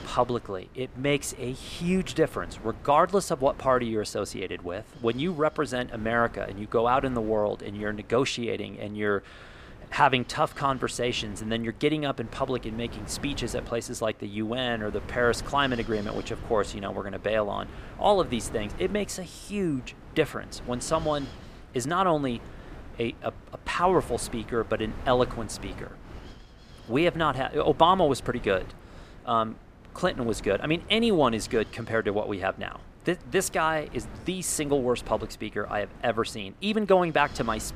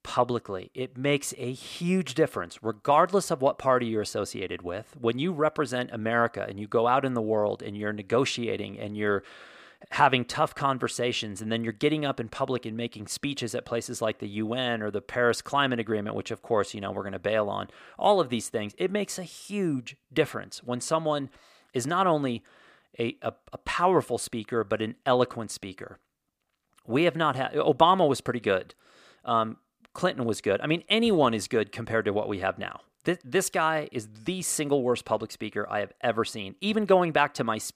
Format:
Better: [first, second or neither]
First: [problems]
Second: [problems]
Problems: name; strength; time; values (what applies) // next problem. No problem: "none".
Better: second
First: wind noise on the microphone; occasional gusts; 20 dB below the speech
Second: none